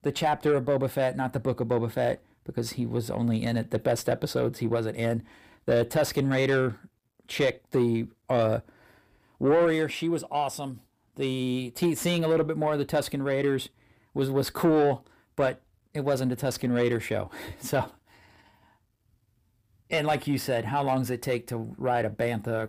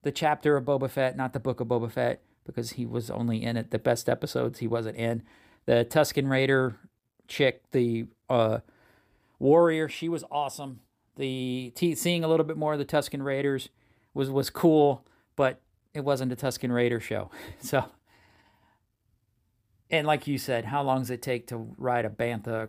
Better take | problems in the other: second | distortion; slight; 10 dB below the speech

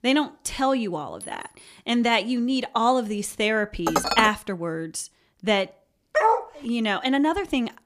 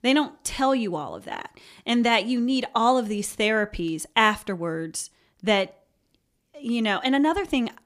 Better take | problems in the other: second | clattering dishes; faint; at 1 s; peak 15 dB below the speech // clattering dishes; loud; at 4 s; peak 1 dB above the speech // dog barking; loud; at 6 s; peak 3 dB above the speech

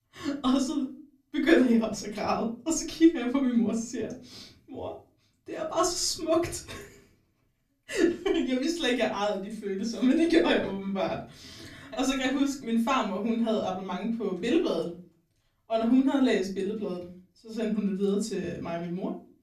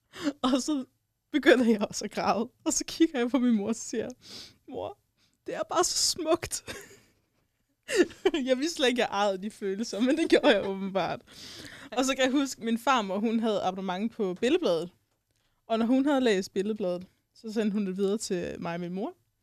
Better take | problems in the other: second | off-mic speech; far // room echo; slight; dies away in 0.4 s

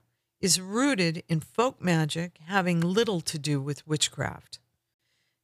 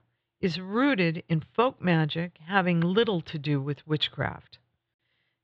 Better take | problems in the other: first | muffled; very; fading above 3.5 kHz

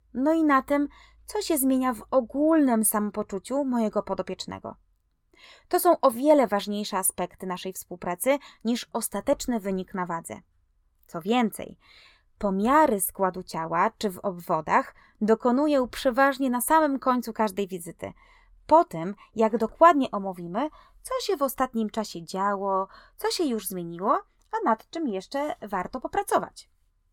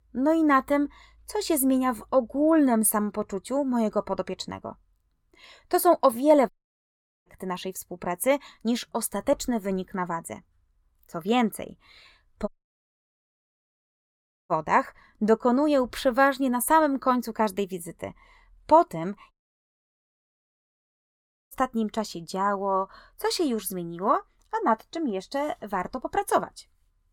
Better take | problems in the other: first | audio cutting out; at 6.5 s for 1 s, at 12 s for 2 s and at 19 s for 2 s

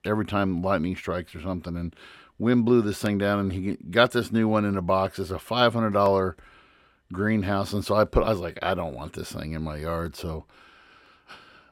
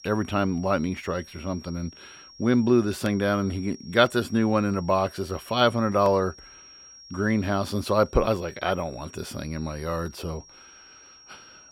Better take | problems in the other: first | high-pitched whine; faint; throughout; 5.5 kHz, 20 dB below the speech

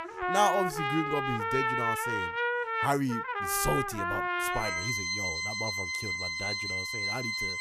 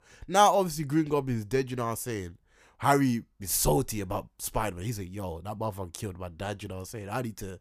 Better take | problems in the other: second | background music; very loud; throughout; 3 dB above the speech

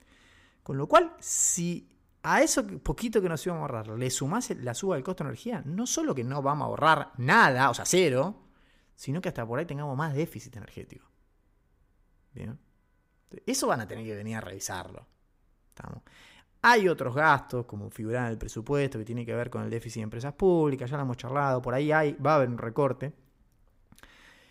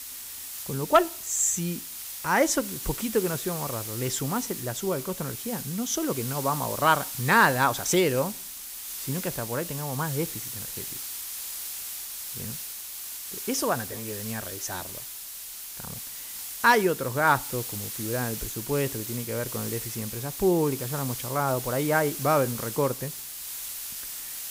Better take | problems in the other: first | hiss; loud; throughout; 7 dB below the speech

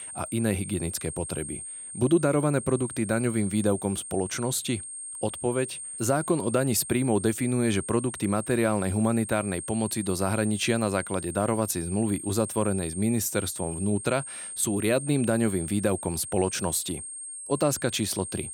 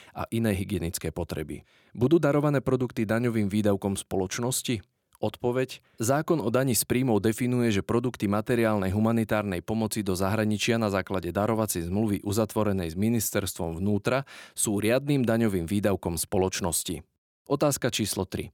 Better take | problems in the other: second | high-pitched whine; loud; throughout; 8.5 kHz, 9 dB below the speech

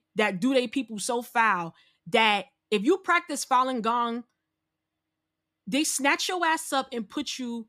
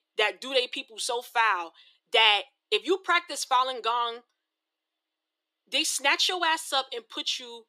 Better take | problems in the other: first | thin; very; fading below 350 Hz

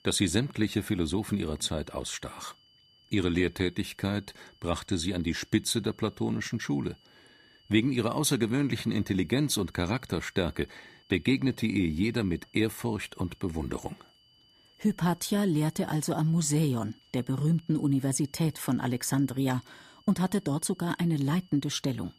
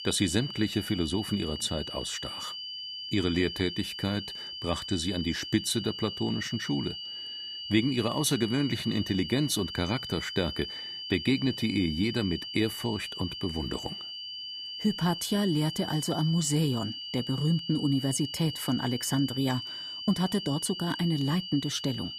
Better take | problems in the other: first | high-pitched whine; loud; throughout; 3 kHz, 7 dB below the speech; faint in the first

